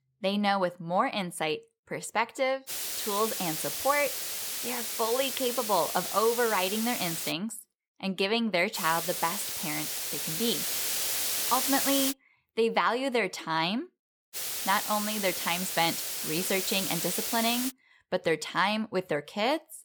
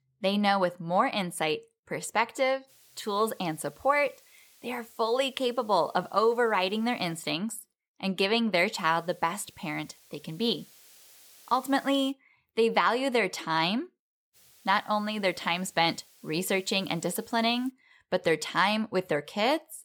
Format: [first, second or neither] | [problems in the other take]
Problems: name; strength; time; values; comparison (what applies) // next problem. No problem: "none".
second | hiss; loud; from 2.5 to 7.5 s, from 9 to 12 s and from 14 to 18 s; 1 dB below the speech; faint in the second